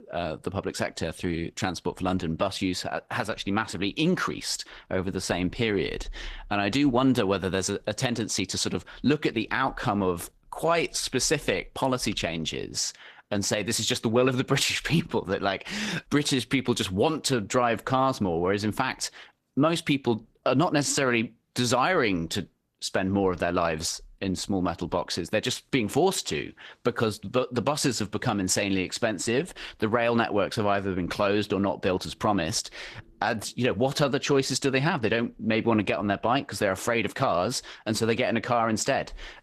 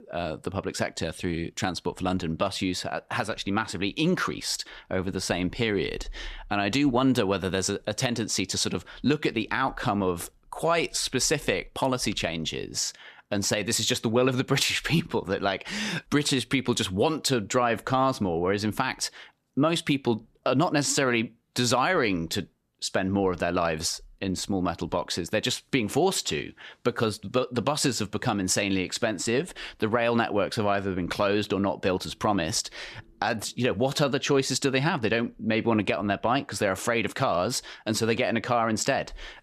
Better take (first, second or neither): second